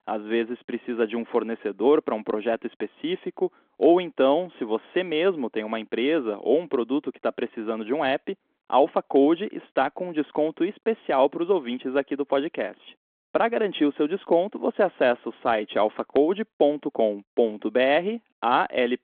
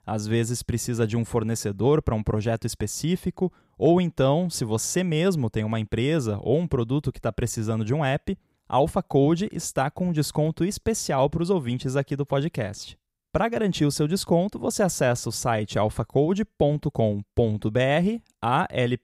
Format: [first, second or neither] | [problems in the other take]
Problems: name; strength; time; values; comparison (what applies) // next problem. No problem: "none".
second | phone-call audio; nothing above 3.5 kHz